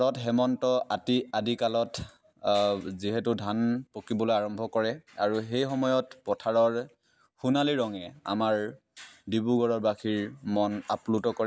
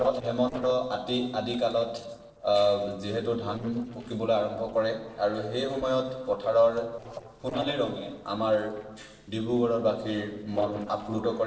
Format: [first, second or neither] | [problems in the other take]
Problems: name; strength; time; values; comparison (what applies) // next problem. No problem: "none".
first | noise reduction (neural separator model SepFormer DNS4)